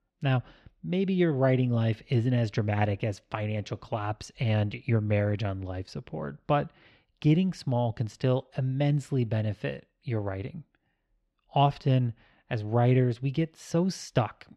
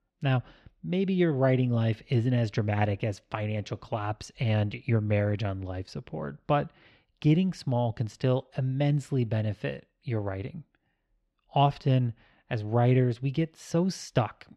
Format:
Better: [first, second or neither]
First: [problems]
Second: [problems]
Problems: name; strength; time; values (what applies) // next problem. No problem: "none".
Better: neither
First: muffled; slightly; fading above 3.5 kHz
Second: muffled; slightly; fading above 3.5 kHz